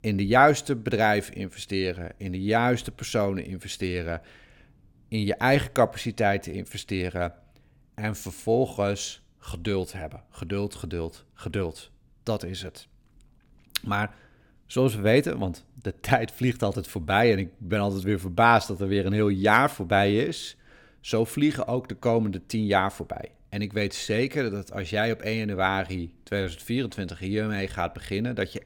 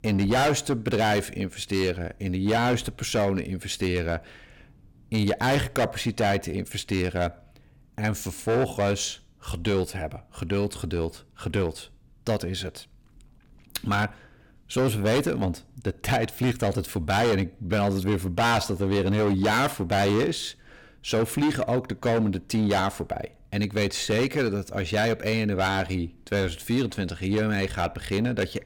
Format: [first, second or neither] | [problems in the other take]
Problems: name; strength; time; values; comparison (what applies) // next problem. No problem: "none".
first | distortion; heavy; 11% of the sound clipped